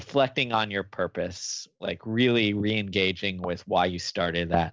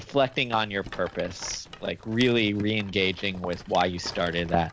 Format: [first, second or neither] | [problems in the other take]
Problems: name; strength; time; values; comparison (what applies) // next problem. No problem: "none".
first | background sound (Rattle); 17 dB below the speech